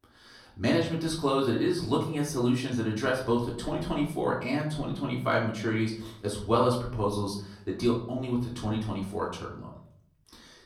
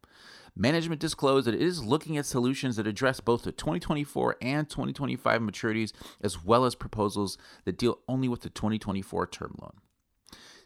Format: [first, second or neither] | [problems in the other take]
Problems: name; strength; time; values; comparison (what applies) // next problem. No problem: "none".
second | off-mic speech; far // room echo; slight; dies away in 0.5 s